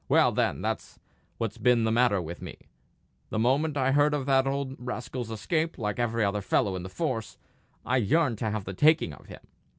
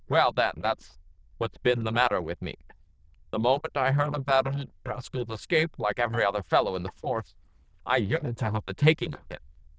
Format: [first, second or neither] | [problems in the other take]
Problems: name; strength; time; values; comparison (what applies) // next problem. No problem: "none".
first | noise reduction (neural diffusion model UNIVERSE++)